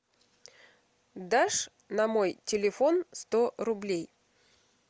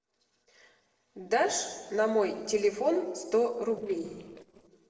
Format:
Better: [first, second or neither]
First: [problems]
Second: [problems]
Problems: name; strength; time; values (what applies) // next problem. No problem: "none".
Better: first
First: none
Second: noise reduction (neural separator model SepFormer DNS4)